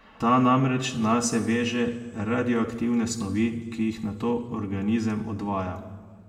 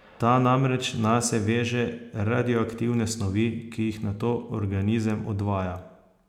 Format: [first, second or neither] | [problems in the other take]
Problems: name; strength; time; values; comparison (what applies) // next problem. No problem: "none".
second | room echo; dies away in 1.3 s